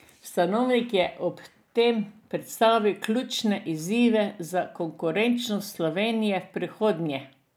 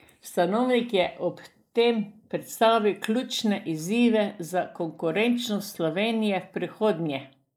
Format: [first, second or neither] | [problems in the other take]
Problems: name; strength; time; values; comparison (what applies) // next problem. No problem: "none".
first | noise reduction (neural mask model Resemble Enhance denoiser)